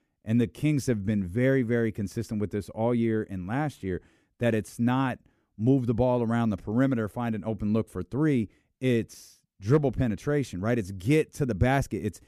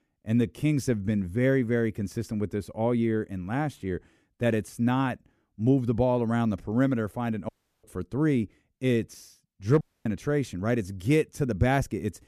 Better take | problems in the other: first | audio cutting out; at 7.5 s and at 10 s

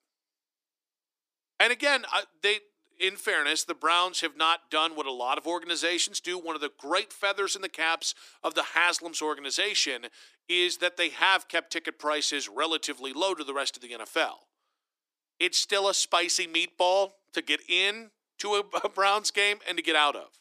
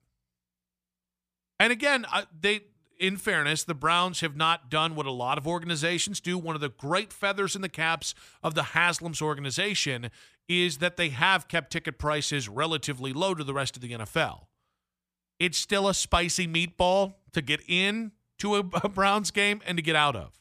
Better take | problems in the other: second | thin; somewhat; fading below 300 Hz

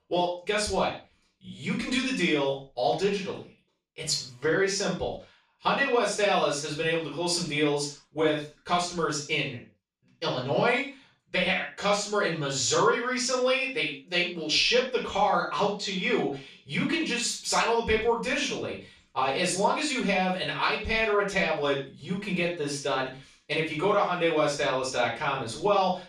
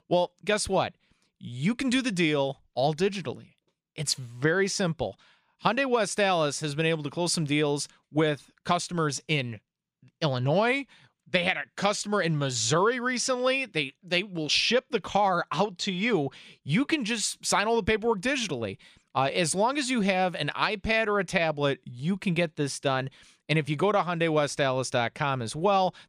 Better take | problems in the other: second | room echo; noticeable; dies away in 0.3 s // off-mic speech; far

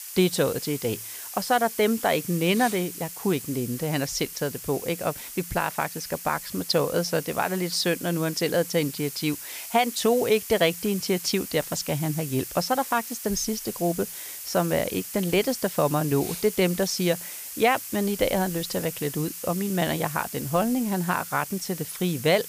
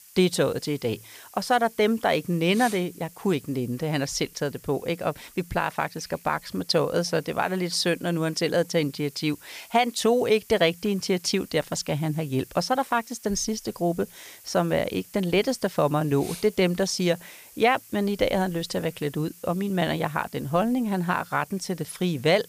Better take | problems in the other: second | hiss; loud; throughout; 9 dB below the speech; faint in the second

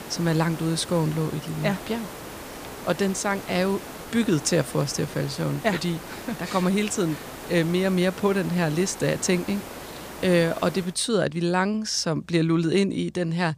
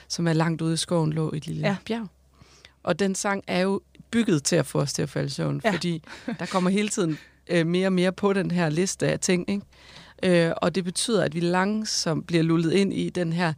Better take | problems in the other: second | hiss; noticeable; until 11 s; 15 dB below the speech

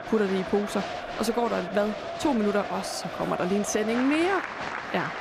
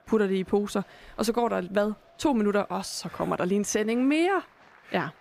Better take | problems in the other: second | crowd noise; loud; throughout; 6 dB below the speech; faint in the second

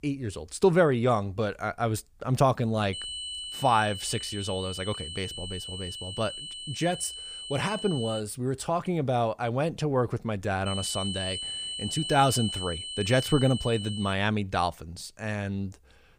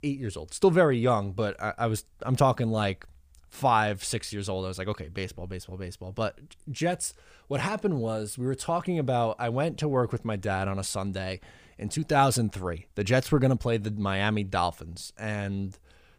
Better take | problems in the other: second | high-pitched whine; loud; from 3 to 8 s and from 11 to 14 s; 3 kHz, 7 dB below the speech

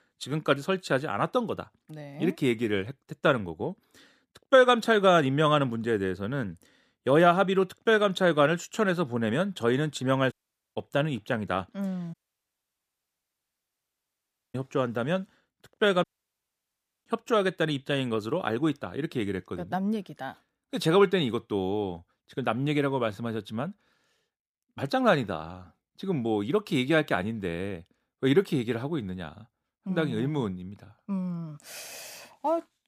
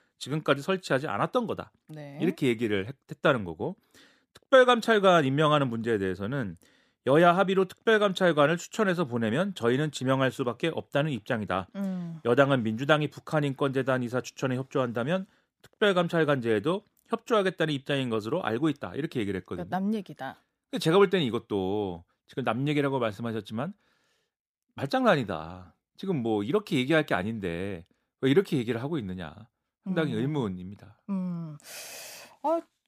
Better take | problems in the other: second | audio cutting out; at 10 s, at 12 s for 2.5 s and at 16 s for 1 s

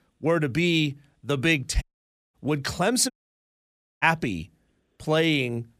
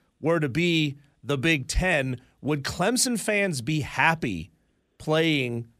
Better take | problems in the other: second | audio cutting out; at 2 s for 0.5 s and at 3 s for 1 s

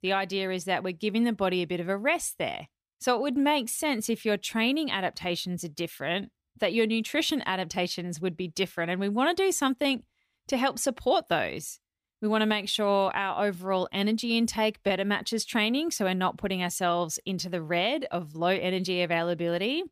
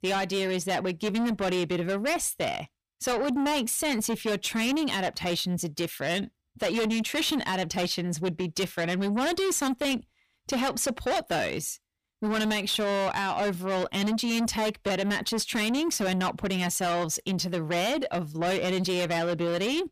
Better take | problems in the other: first | distortion; heavy; 7 dB below the speech

